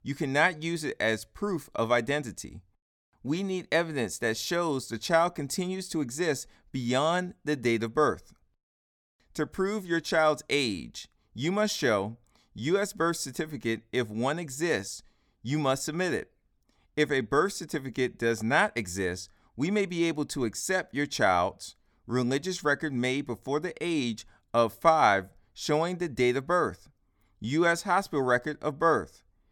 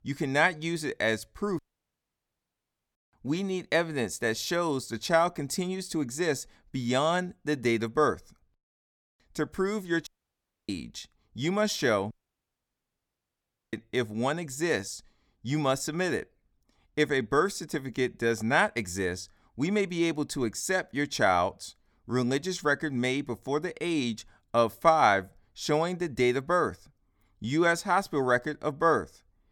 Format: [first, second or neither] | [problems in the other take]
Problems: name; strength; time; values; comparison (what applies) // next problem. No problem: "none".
first | audio cutting out; at 1.5 s for 1.5 s, at 10 s for 0.5 s and at 12 s for 1.5 s